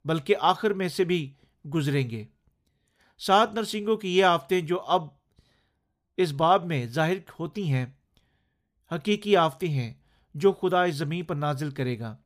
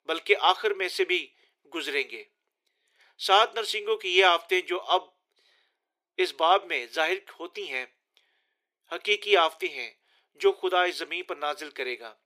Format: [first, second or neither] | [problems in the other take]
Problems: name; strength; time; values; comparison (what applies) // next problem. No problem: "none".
first | thin; very; fading below 350 Hz